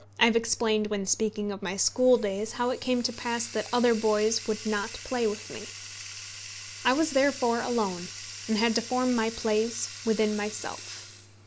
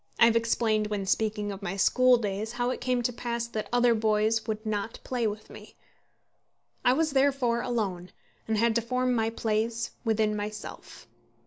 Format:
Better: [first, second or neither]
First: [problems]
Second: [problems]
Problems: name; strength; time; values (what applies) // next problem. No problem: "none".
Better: second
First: background sound (Bathtub (filling or washing)); 14 dB below the speech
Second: none